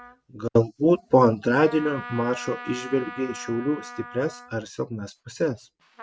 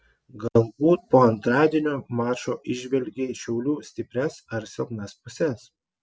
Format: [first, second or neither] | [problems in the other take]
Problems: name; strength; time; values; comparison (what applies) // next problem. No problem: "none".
second | background sound (Trumpet); 17 dB below the speech